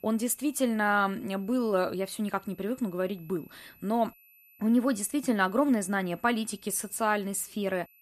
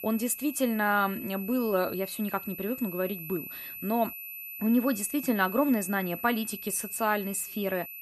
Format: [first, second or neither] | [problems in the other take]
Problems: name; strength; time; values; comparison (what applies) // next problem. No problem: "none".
first | high-pitched whine; loud; throughout; 12 kHz, 9 dB below the speech; faint in the first